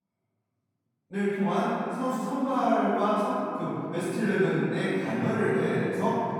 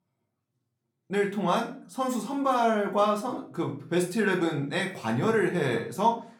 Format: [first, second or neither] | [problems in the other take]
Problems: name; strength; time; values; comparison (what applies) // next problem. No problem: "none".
second | room echo; strong; dies away in 2.8 s; slight in the second // off-mic speech; far; somewhat distant in the second